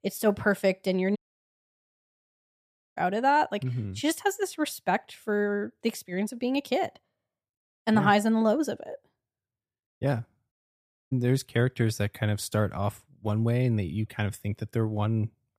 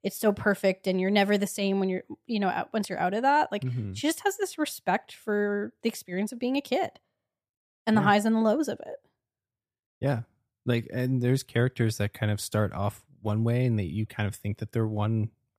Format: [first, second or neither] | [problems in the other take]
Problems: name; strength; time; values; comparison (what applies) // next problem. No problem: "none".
second | audio cutting out; at 1 s for 2 s and at 11 s for 0.5 s